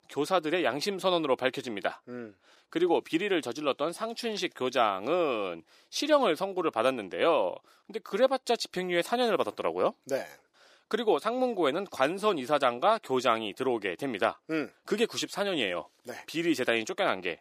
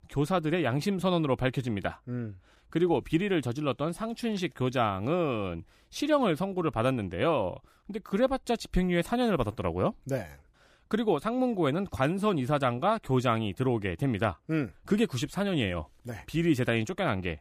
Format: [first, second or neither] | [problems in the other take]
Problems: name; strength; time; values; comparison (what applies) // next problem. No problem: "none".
second | thin; somewhat; fading below 400 Hz